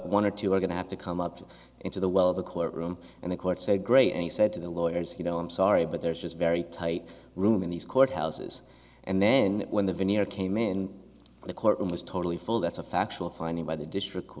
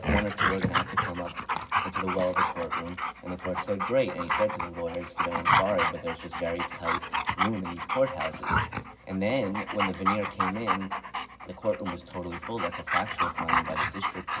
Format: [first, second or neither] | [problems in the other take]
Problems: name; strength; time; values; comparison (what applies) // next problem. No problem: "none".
first | background sound (Dog); 2 dB above the speech // room echo; dies away in 0.4 s